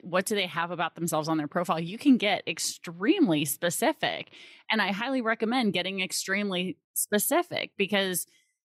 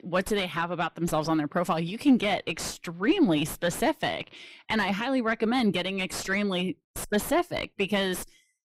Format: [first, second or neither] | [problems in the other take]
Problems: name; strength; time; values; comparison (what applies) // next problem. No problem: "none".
first | distortion; slight; 8 dB below the speech